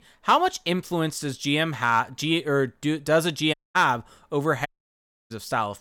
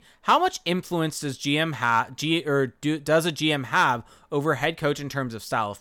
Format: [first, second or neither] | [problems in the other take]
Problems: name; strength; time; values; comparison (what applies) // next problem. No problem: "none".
second | audio cutting out; at 3.5 s and at 4.5 s for 0.5 s